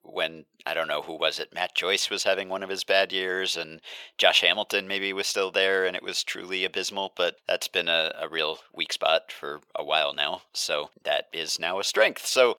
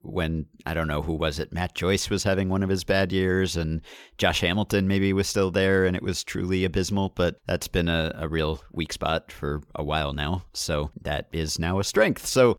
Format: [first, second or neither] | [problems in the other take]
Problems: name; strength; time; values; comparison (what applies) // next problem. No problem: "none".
second | thin; very; fading below 600 Hz